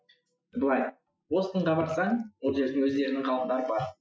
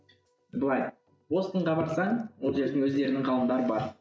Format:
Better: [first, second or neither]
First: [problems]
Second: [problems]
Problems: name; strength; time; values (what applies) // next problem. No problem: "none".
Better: second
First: noise reduction (classical method Wiener filter)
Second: none